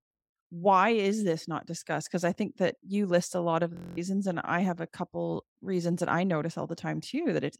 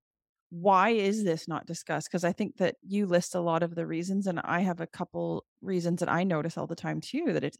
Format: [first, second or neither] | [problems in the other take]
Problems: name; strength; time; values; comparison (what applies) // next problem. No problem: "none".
second | audio freezing; at 4 s